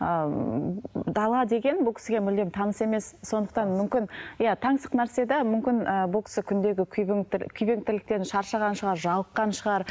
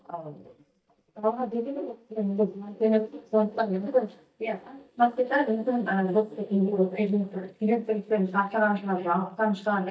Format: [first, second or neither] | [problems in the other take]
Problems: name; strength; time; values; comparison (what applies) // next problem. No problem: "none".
first | noise reduction (neural mask model DeepFilterNet 3)